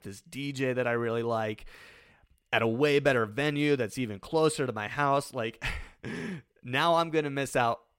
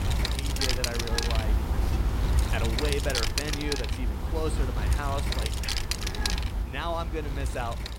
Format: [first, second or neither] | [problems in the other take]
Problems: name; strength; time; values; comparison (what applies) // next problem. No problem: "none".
first | wind noise on the microphone; heavy; 2 dB above the speech